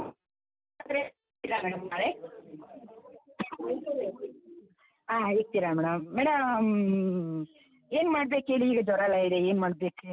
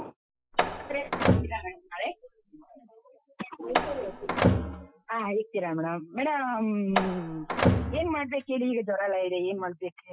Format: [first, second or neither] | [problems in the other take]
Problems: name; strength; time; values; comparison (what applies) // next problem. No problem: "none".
first | noise reduction (classical method Wiener filter)